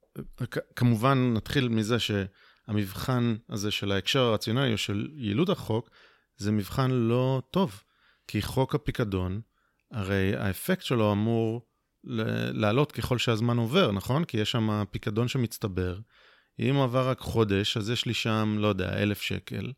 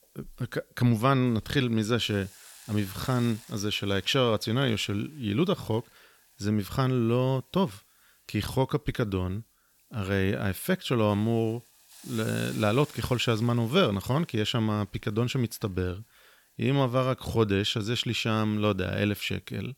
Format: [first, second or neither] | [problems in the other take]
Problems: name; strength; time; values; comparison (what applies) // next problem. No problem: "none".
first | hiss; faint; throughout; 25 dB below the speech